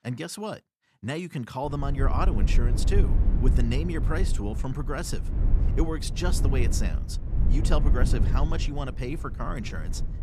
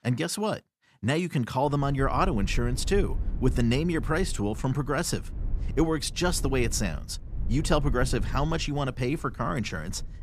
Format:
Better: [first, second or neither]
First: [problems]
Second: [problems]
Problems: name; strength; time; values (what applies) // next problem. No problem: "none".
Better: second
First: low rumble; loud; from 1.5 s on; 8 dB below the speech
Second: low rumble; faint; from 1.5 s on; 20 dB below the speech